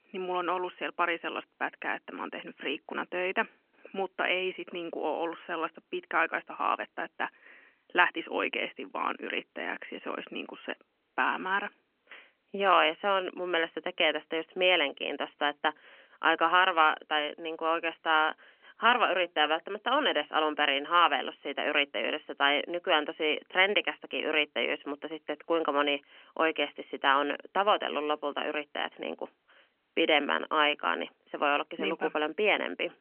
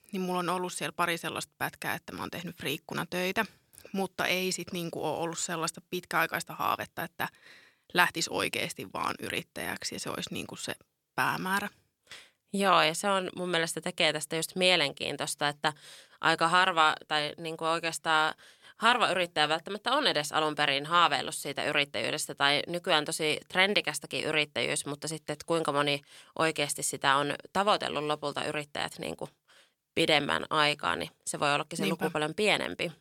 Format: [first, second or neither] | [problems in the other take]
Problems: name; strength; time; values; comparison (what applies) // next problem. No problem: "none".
second | phone-call audio; nothing above 3 kHz